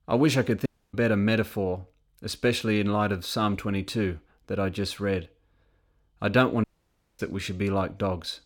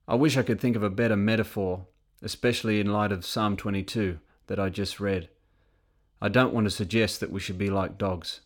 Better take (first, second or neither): second